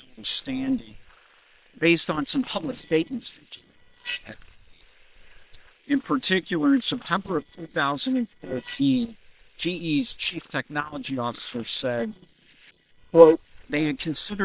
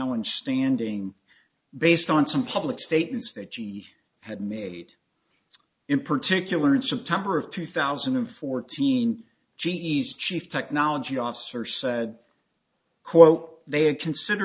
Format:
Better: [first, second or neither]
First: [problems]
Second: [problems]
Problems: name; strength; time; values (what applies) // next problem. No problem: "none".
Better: second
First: noise reduction (neural separator model SepFormer WHAM!)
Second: none